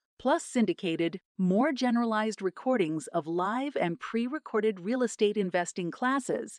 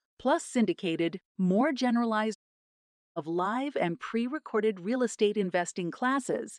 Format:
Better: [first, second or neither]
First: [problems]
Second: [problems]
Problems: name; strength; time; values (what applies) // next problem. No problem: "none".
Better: first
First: none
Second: audio cutting out; at 2.5 s for 1 s